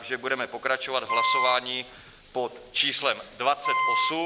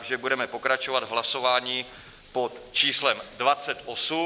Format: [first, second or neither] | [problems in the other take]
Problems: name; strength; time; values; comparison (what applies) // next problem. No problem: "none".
second | background sound (Wind instrument, woodwind instrument); 3 dB above the speech